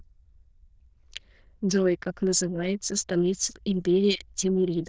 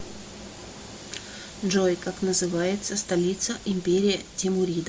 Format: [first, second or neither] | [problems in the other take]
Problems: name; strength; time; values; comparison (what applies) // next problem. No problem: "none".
second | noise reduction (neural diffusion model UNIVERSE++)